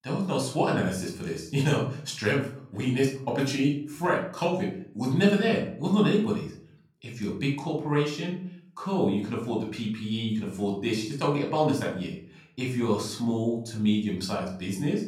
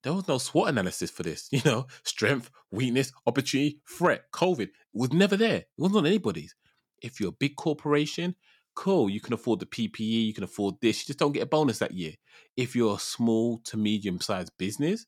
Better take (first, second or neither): second